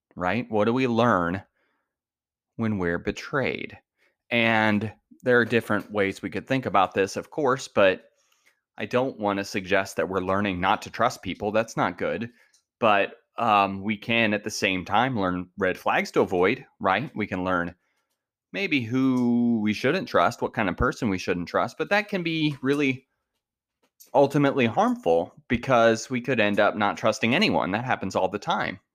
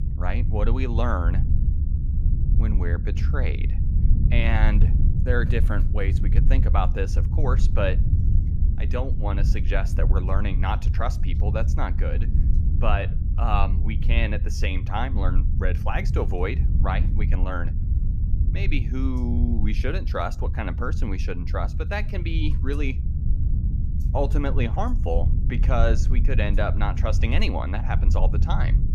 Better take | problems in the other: first | low rumble; loud; throughout; 10 dB below the speech

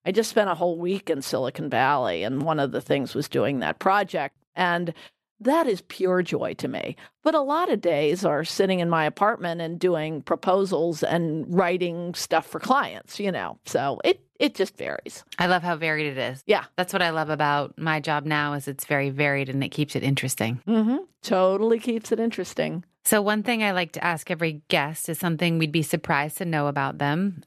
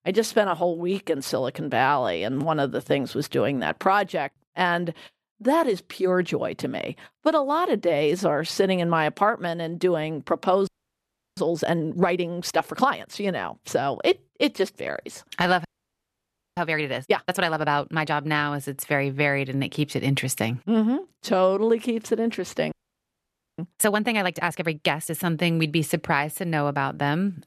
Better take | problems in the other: first | audio freezing; at 11 s for 0.5 s, at 16 s for 1 s and at 23 s for 1 s

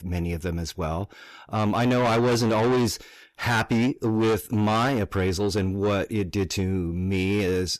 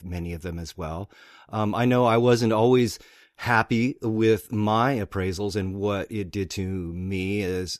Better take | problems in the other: second | distortion; heavy; 7 dB below the speech

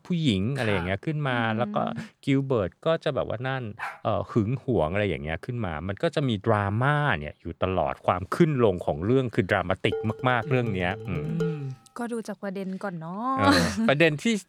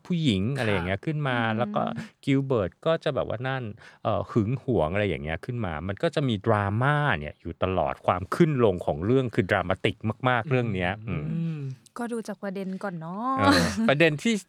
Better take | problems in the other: second | dog barking; faint; at 4 s; peak 10 dB below the speech // clattering dishes; noticeable; from 10 to 12 s; peak 8 dB below the speech

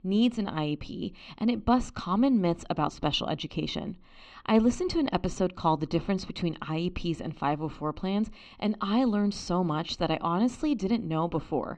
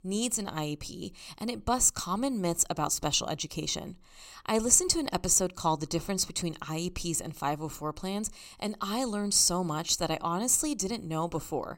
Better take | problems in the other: second | muffled; very; fading above 3.5 kHz

